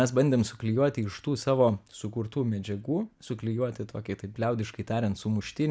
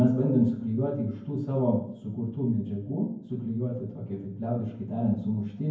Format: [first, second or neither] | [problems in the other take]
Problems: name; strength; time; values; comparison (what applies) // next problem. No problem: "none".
first | room echo; dies away in 0.9 s